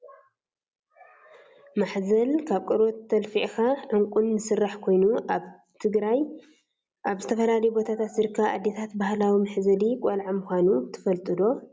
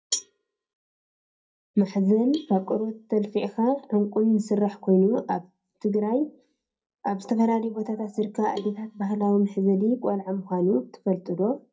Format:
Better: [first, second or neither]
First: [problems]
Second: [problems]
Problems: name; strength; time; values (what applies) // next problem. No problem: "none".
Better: first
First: none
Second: noise reduction (neural mask model DeepFilterNet 3)